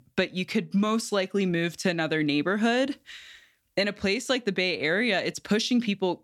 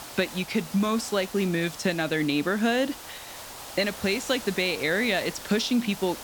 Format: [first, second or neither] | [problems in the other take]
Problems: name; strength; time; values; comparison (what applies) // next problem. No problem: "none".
first | hiss; noticeable; throughout; 15 dB below the speech